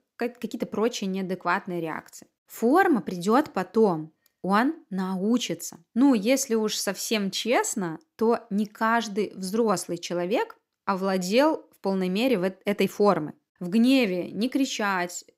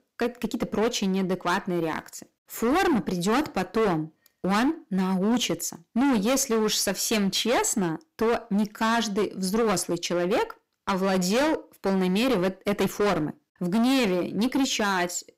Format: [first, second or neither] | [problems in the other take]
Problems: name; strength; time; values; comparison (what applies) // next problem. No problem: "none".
first | distortion; heavy; 18% of the sound clipped